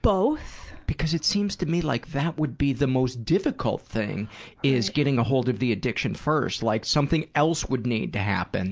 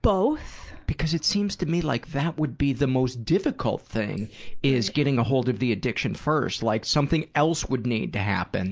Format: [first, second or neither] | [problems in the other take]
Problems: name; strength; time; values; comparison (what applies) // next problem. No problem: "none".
first | noise reduction (neural mask model Resemble Enhance denoiser)